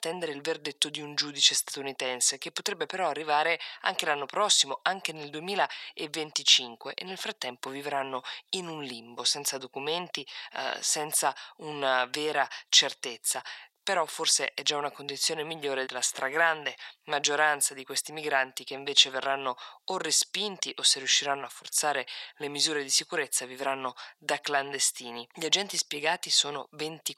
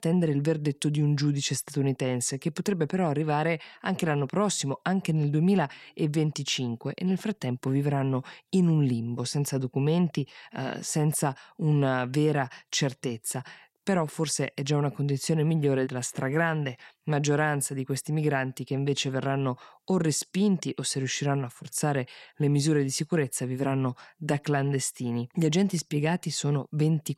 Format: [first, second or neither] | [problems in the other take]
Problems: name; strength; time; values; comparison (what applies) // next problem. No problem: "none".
second | thin; very; fading below 800 Hz